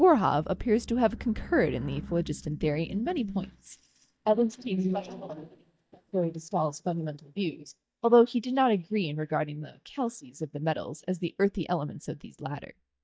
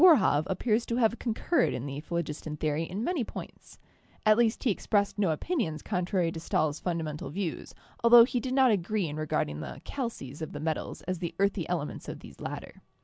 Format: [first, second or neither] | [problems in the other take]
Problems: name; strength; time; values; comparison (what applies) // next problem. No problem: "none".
second | noise reduction (neural mask model DeepFilterNet 3)